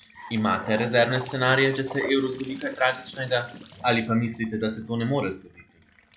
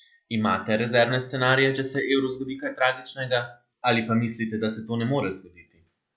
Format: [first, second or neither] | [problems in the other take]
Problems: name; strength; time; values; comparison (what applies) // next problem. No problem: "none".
second | background sound (Trickle, dribble / Bathtub (filling or washing) / Sink (filling or washing) / Gurgling); 16 dB below the speech